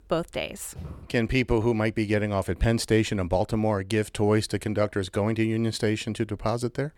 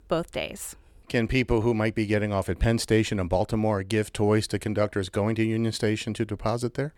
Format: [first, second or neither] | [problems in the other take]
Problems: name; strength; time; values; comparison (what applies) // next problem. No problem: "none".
second | footsteps; faint; at 1 s; peak 15 dB below the speech